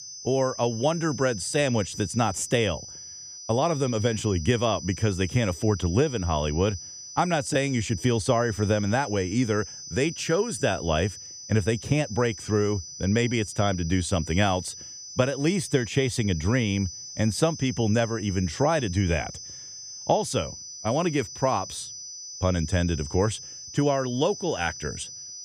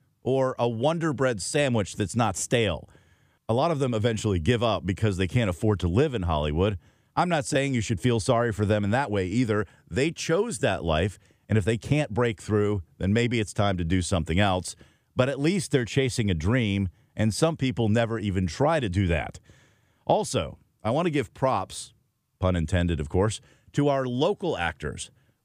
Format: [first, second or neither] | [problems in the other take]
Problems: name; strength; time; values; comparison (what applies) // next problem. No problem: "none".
second | high-pitched whine; noticeable; throughout; 6 kHz, 10 dB below the speech